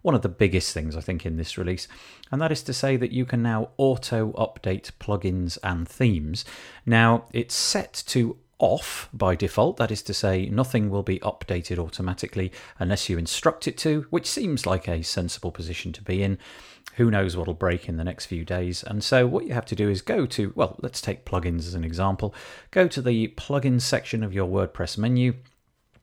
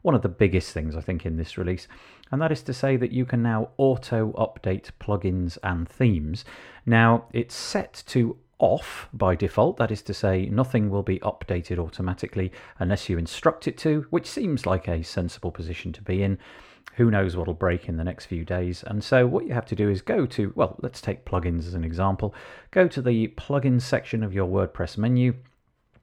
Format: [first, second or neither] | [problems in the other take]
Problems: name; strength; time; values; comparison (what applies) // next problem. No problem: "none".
first | muffled; slightly; fading above 3 kHz